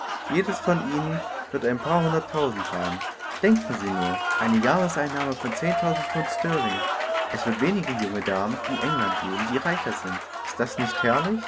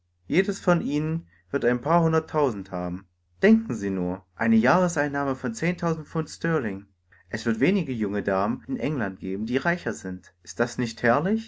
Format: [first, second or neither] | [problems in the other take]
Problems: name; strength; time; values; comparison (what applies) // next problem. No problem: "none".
second | background sound (Applause); 3 dB below the speech